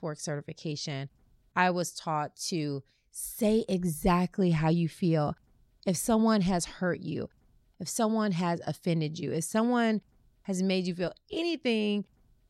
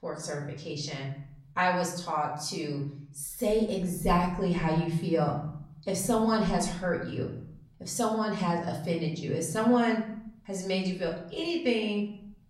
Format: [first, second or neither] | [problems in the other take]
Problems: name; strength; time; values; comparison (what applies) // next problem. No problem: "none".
first | room echo; slight; dies away in 0.6 s // off-mic speech; far